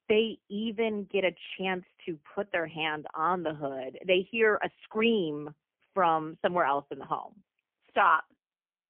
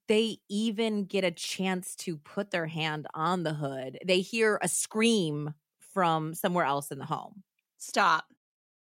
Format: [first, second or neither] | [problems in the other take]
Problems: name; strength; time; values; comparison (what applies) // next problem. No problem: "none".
second | phone-call audio; poor line; nothing above 3 kHz